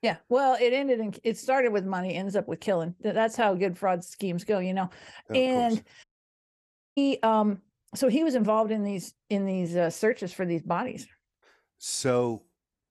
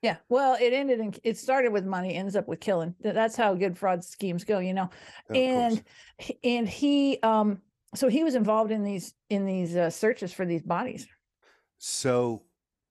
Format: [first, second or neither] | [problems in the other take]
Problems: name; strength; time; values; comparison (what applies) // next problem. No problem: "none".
second | audio cutting out; at 6 s for 1 s